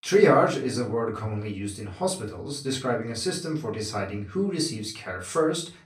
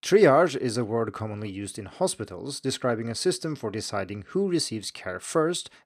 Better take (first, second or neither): second